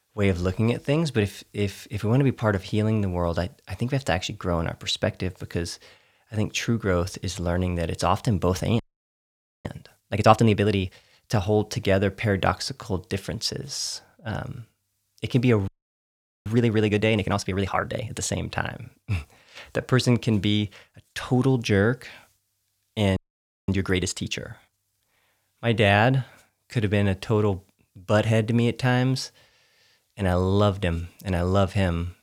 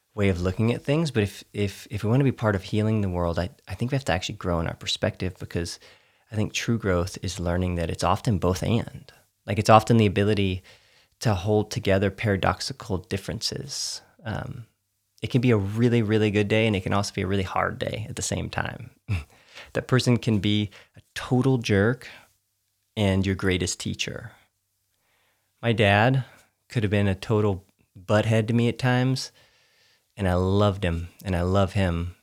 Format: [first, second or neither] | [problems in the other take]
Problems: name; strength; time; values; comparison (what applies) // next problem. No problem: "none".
second | audio freezing; at 9 s for 1 s, at 16 s for 1 s and at 23 s for 0.5 s